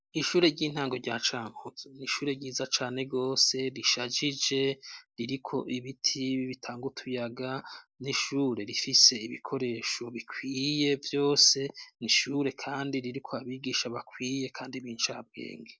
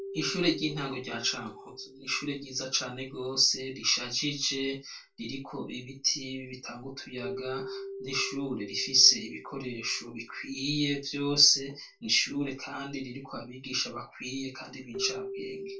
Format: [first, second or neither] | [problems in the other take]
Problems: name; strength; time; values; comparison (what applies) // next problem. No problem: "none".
first | background sound (Keyboard (musical)); 14 dB below the speech // room echo; dies away in 0.2 s